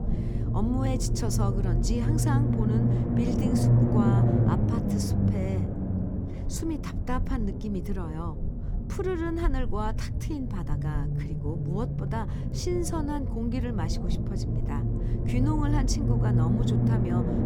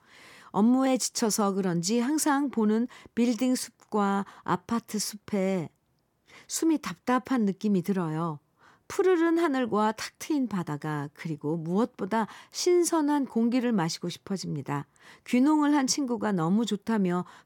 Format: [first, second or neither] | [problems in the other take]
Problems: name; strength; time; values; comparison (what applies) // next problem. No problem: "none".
second | low rumble; loud; throughout; 1 dB below the speech